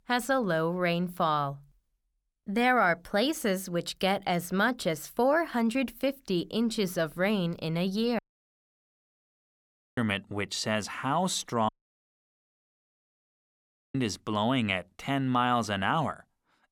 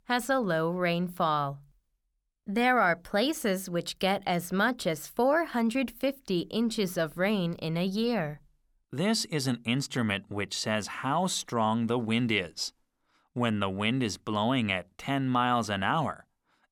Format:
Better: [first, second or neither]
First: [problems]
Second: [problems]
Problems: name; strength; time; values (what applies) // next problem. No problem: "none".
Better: second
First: audio cutting out; at 8 s for 2 s and at 12 s for 2.5 s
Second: none